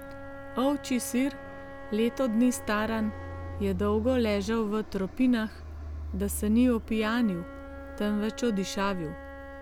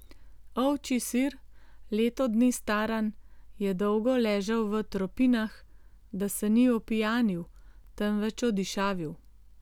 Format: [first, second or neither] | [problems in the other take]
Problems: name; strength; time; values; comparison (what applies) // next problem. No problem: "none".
second | background sound (Fixed-wing aircraft, airplane + Wind instrument, woodwind instrument); 12 dB below the speech